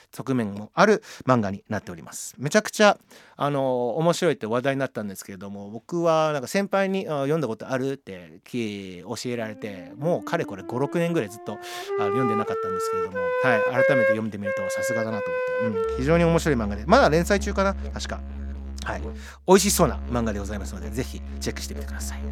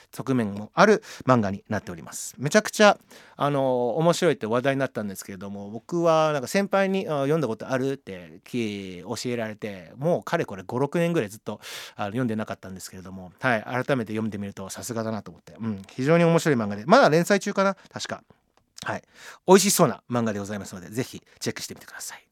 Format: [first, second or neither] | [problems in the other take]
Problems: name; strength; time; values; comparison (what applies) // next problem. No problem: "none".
second | background music; loud; from 9 s on; 4 dB below the speech